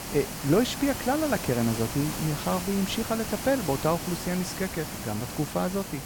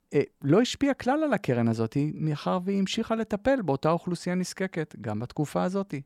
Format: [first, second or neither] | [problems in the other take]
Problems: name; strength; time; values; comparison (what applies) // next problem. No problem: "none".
second | hiss; loud; throughout; 6 dB below the speech